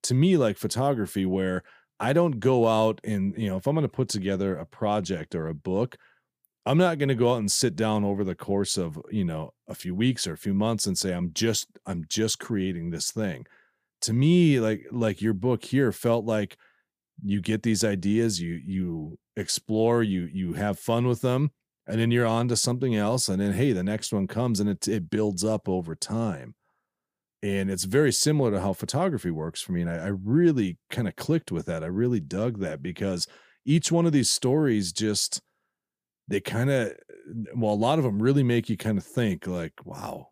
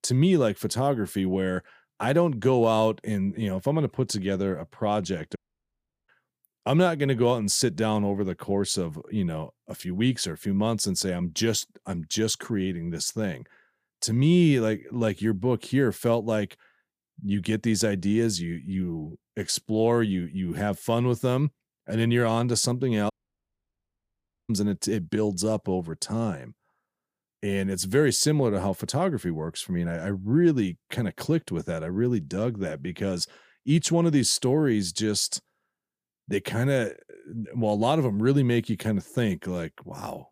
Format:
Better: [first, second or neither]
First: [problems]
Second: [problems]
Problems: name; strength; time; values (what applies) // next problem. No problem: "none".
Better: first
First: none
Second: audio cutting out; at 5.5 s for 0.5 s and at 23 s for 1.5 s